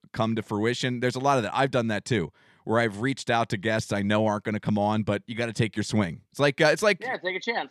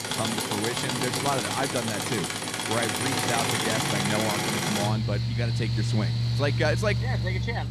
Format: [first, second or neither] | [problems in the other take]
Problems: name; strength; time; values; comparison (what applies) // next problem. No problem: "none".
first | machinery noise; very loud; throughout; 4 dB above the speech